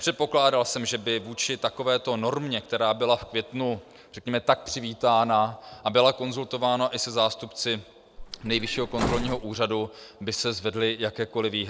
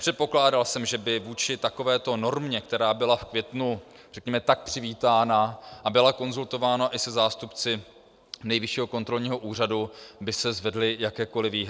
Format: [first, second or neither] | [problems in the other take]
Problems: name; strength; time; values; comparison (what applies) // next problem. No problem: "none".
second | background sound (Bus); 6 dB below the speech